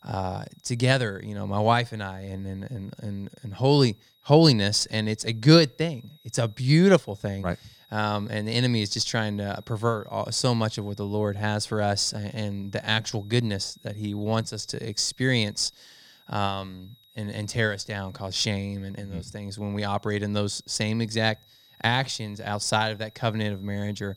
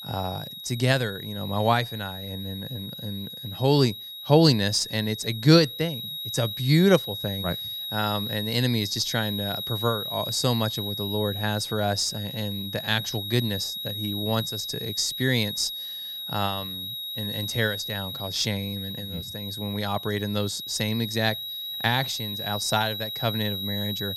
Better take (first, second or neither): first